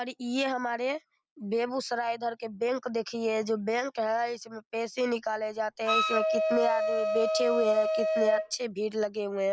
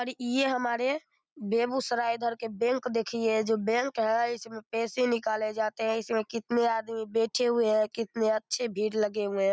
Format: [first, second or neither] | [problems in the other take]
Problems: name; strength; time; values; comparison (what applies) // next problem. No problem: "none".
second | background sound (Wind instrument, woodwind instrument); 1 dB above the speech